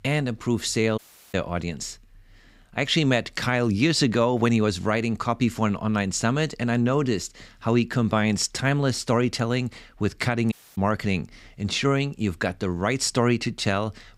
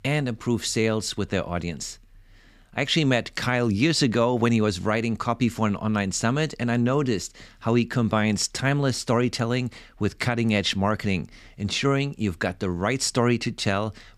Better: second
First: audio cutting out; at 1 s and at 11 s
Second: none

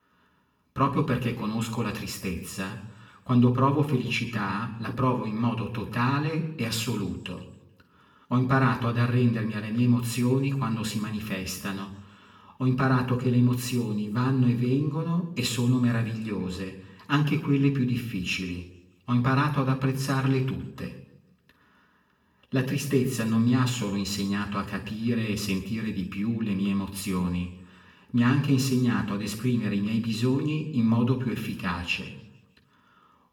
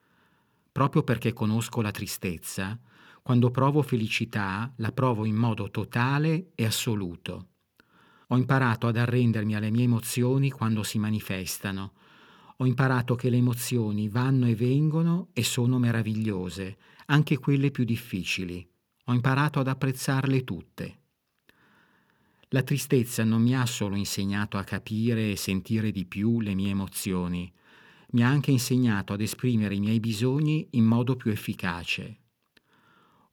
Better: second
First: room echo; slight; dies away in 0.7 s // off-mic speech; far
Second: none

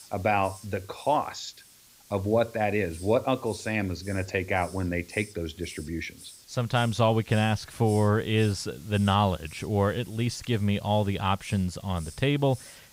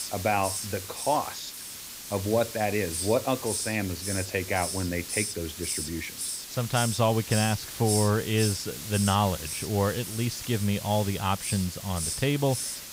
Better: first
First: hiss; faint; throughout; 20 dB below the speech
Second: hiss; loud; throughout; 5 dB below the speech

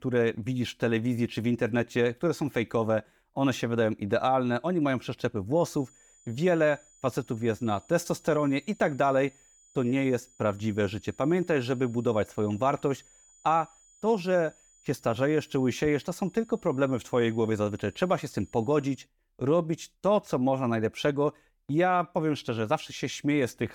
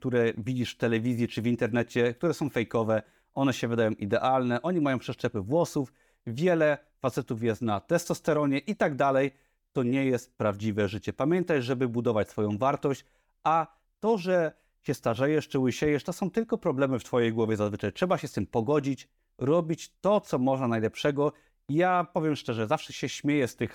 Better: second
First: high-pitched whine; faint; from 5.5 to 19 s; 7 kHz, 30 dB below the speech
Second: none

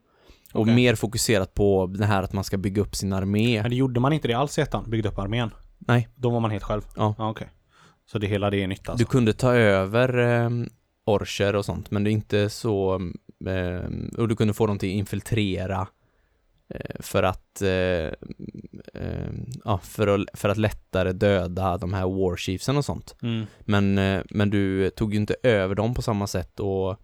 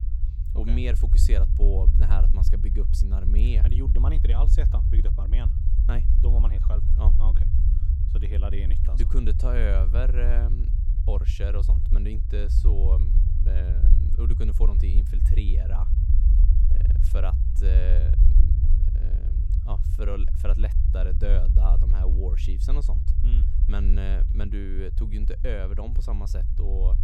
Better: first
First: none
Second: low rumble; loud; throughout; 5 dB below the speech

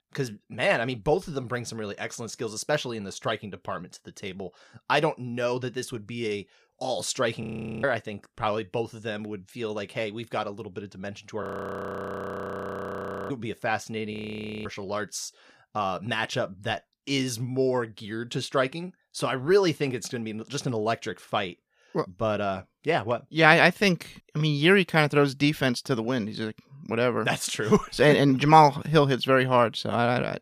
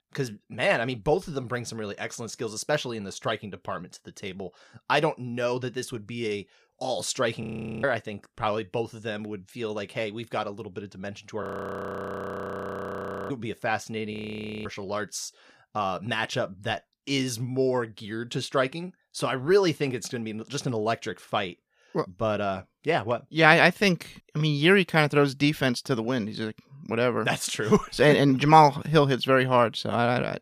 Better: neither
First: audio freezing; at 7.5 s, at 11 s for 2 s and at 14 s for 0.5 s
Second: audio freezing; at 7.5 s, at 11 s for 2 s and at 14 s for 0.5 s

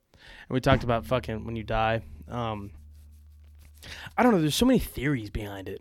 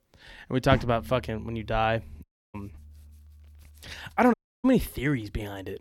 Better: first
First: none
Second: audio cutting out; at 2 s and at 4.5 s

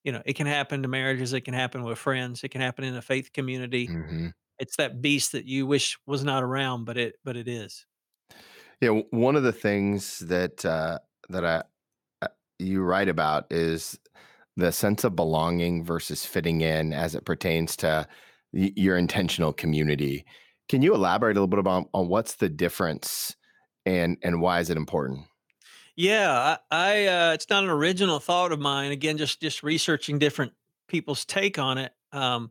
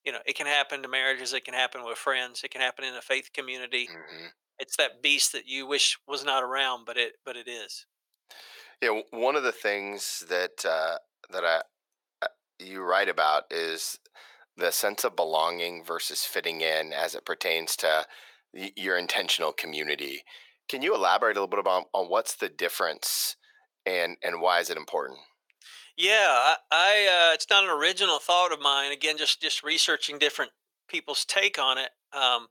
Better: first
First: none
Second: thin; very; fading below 550 Hz

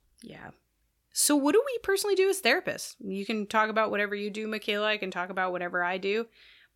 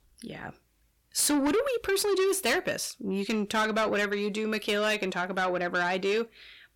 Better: first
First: none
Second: distortion; heavy; 8 dB below the speech

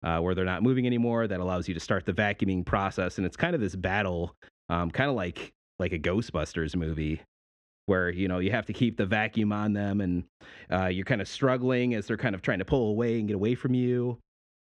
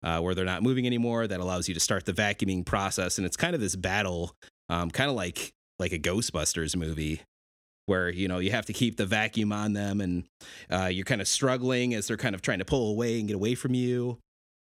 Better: second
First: muffled; very; fading above 2 kHz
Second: none

